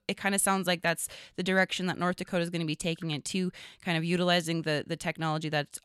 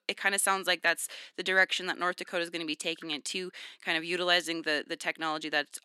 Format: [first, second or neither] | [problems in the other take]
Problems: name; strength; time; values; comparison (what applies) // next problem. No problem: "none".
first | thin; somewhat; fading below 300 Hz